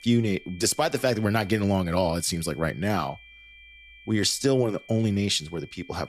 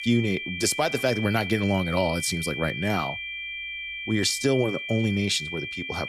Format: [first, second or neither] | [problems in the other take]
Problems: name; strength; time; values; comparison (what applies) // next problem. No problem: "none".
first | high-pitched whine; loud; throughout; 2.5 kHz, 6 dB below the speech; faint in the first